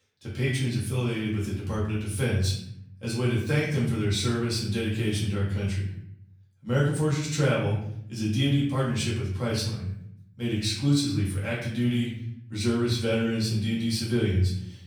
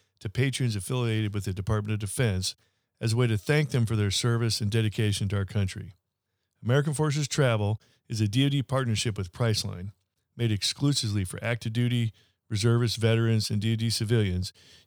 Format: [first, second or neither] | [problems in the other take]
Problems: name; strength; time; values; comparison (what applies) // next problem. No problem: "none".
second | off-mic speech; far // room echo; noticeable; dies away in 0.7 s